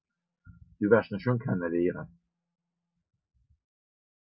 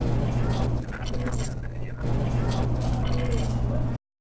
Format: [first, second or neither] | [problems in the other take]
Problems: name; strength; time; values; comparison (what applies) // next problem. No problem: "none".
first | noise reduction (neural separator model SepFormer DNS4)